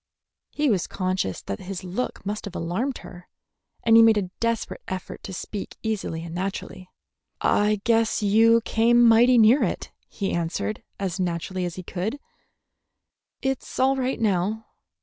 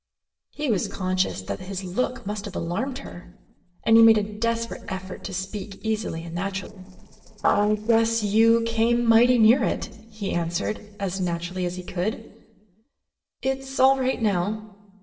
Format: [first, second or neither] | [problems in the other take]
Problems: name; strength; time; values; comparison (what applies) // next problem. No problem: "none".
first | noise reduction (neural separator model SepFormer DNS4)